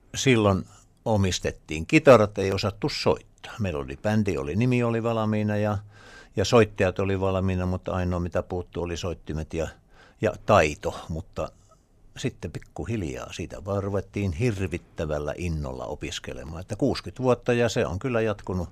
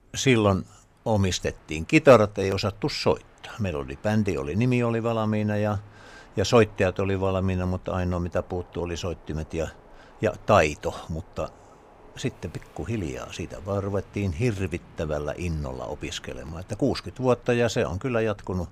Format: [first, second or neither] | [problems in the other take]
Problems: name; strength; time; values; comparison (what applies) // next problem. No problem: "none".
first | train or aircraft noise; faint; throughout; 25 dB below the speech